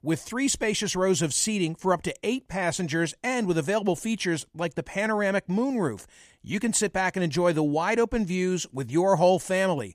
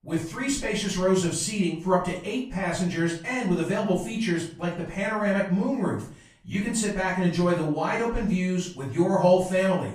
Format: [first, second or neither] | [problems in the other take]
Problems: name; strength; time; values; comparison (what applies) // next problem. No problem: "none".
first | off-mic speech; far // room echo; noticeable; dies away in 0.4 s